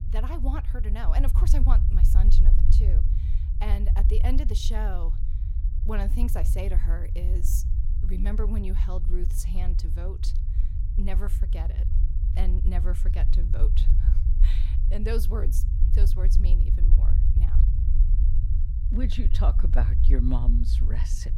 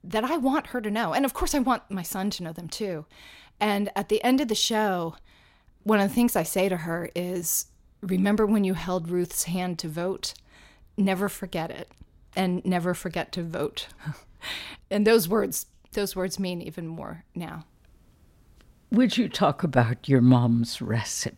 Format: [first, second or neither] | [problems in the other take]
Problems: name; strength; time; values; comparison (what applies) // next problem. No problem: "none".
second | low rumble; loud; throughout; 6 dB below the speech